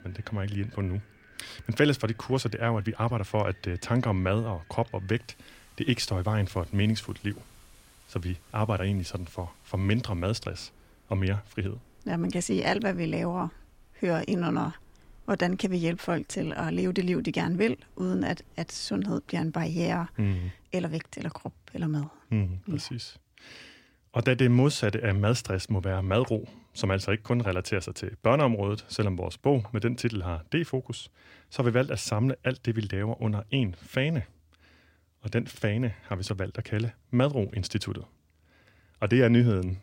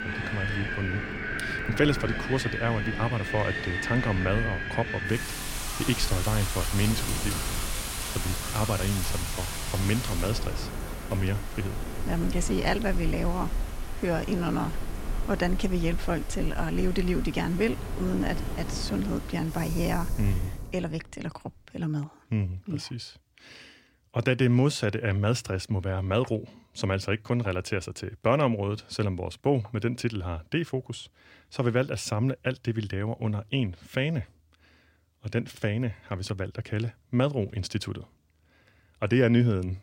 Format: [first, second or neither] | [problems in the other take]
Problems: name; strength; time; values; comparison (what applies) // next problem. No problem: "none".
first | wind in the background; loud; until 20 s; 4 dB below the speech; faint in the first